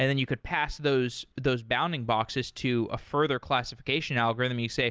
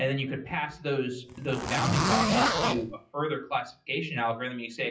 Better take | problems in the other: first | noise reduction (classical method WPE with log-MMSE)

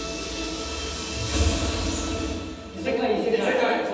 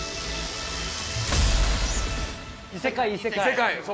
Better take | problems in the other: second | room echo; dies away in 1.1 s

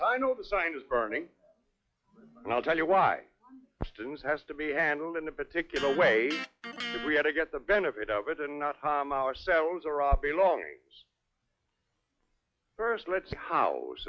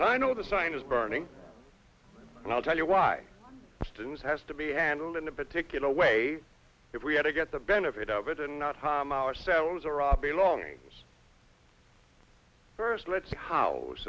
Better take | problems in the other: second | noise reduction (classical method log-MMSE)

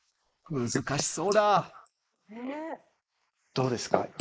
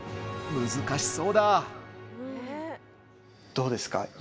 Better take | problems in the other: second | noise reduction (neural mask model Resemble Enhance denoiser)

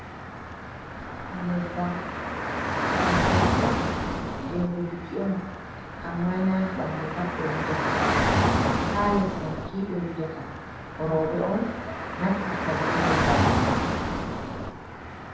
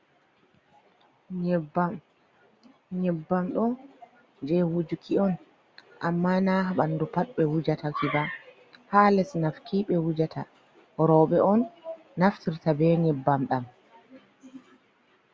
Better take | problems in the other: second | background sound (Traffic noise, roadway noise / Car); 3 dB above the speech // room echo; dies away in 0.9 s

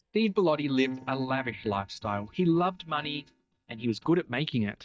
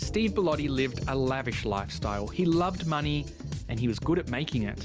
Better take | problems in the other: second | noise reduction (neural mask model DeepFilterNet 3)

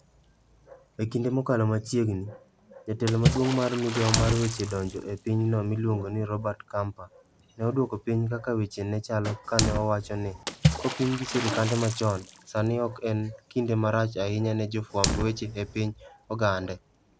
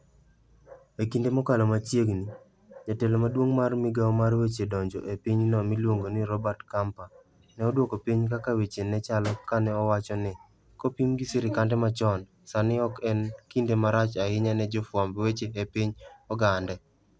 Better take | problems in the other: second | background sound (Water / Splash, splatter + Fire); 6 dB below the speech

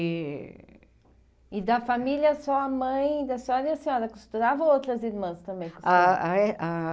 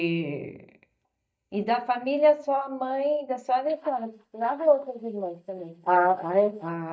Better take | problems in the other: first | noise reduction (neural mask model DeepFilterNet 3)

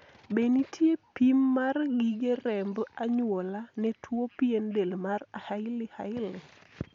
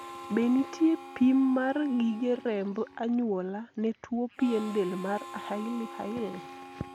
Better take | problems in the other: first | background sound (Harmonica); 16 dB below the speech

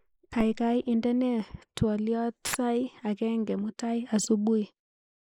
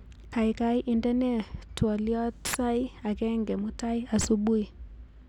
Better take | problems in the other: second | noise reduction (neural mask model Resemble Enhance denoiser)

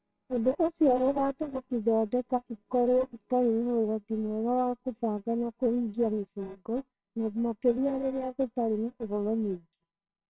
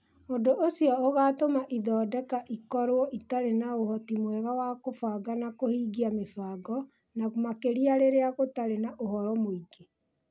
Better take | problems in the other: second | noise reduction (neural separator model SepFormer WHAMR!)

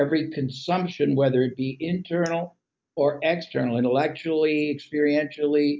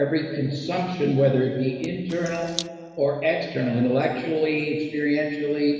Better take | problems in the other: first | background sound (Camera); 13 dB below the speech // room echo; dies away in 1.6 s

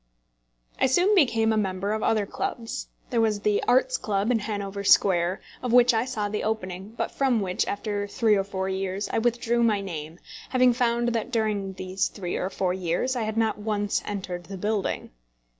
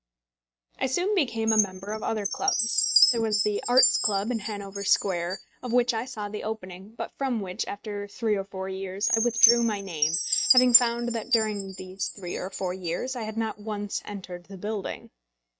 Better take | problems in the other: first | noise reduction (neural mask model RNNoise)

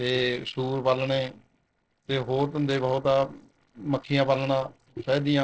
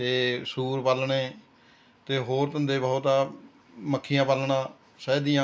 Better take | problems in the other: second | noise reduction (neural separator model SepFormer DNS4)

